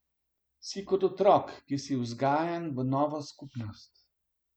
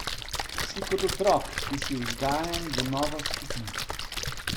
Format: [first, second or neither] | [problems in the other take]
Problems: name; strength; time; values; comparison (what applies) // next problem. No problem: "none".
first | background sound (Splash, splatter); 2 dB below the speech